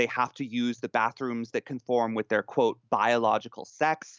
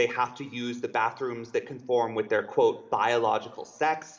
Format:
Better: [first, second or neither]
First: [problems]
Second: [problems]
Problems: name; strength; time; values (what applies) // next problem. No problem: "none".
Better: first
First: none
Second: room echo; dies away in 2 s